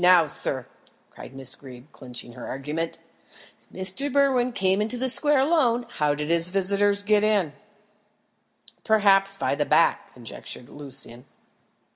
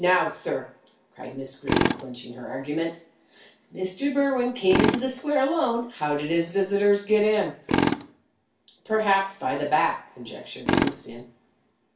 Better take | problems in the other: first | background sound (Tools); 5 dB below the speech // room echo; dies away in 0.3 s

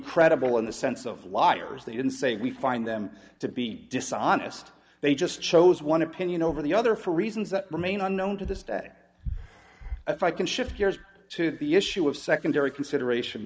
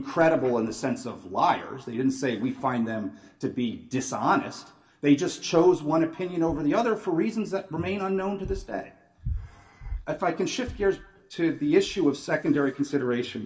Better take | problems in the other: first | room echo; dies away in 0.2 s

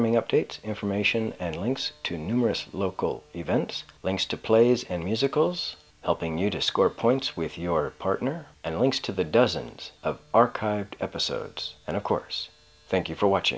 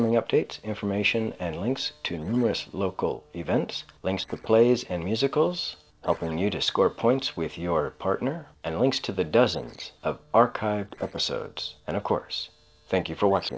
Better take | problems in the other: first | noise reduction (neural separator model SepFormer DNS4)

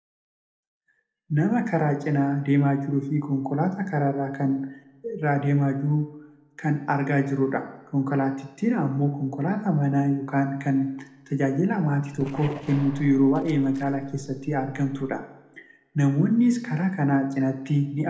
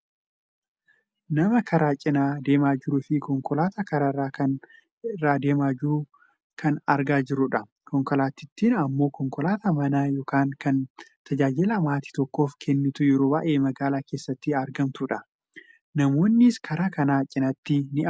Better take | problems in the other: second | noise reduction (neural separator model SepFormer DNS4)

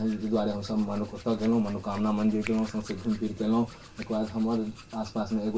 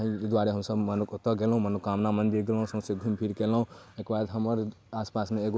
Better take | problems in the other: second | background sound (Hands); 20 dB below the speech // room echo; dies away in 0.2 s

